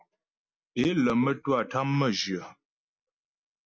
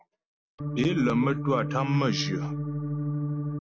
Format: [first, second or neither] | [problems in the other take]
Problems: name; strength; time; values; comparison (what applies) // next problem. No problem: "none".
first | background sound (Organ); 1 dB below the speech